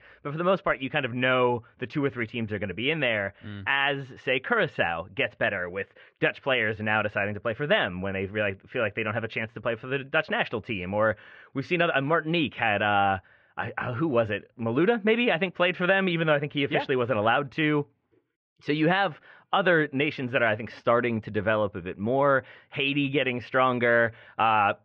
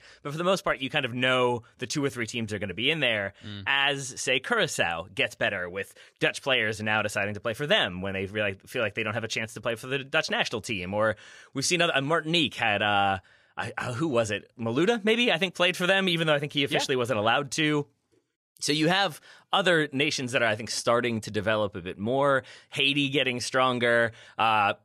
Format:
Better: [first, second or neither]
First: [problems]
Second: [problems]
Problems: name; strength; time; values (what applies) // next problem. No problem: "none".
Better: second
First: muffled; very; fading above 2.5 kHz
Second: none